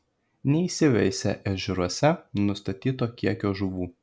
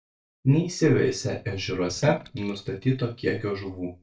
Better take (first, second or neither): first